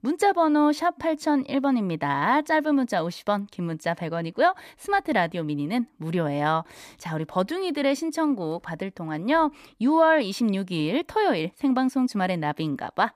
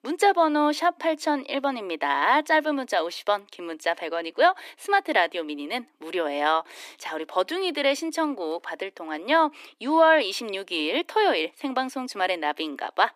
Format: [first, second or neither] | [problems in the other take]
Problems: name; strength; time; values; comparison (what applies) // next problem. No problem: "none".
first | thin; somewhat; fading below 300 Hz